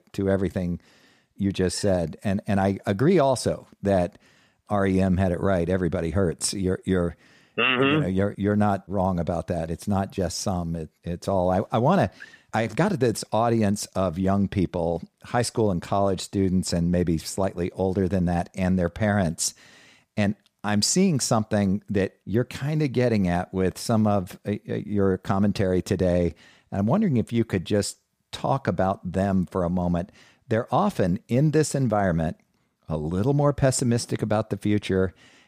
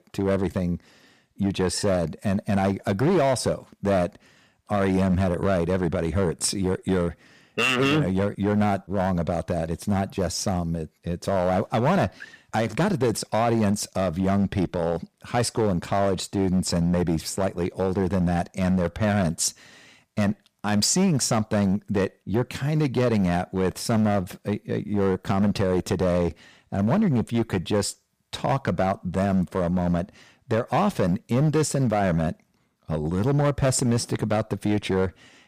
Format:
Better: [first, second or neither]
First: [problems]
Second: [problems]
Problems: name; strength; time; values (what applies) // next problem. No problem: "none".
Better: first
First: none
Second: distortion; slight; 7% of the sound clipped